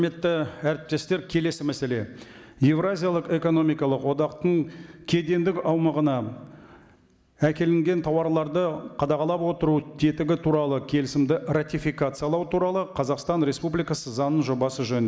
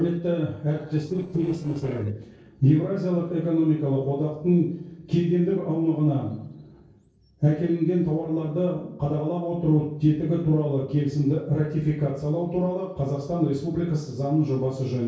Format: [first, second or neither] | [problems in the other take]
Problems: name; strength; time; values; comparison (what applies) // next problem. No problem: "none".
first | noise reduction (neural separator model SepFormer DNS4)